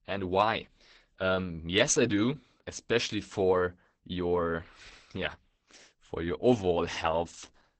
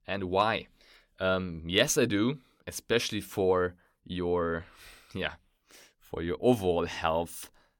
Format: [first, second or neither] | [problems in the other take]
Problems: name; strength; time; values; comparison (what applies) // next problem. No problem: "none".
second | garbled, watery; badly; nothing above 8 kHz